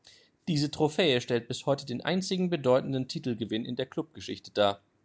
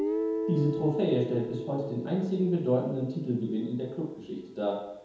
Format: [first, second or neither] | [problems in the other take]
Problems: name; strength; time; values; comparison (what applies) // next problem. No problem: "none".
first | background sound (Guitar); 6 dB below the speech // room echo; dies away in 1 s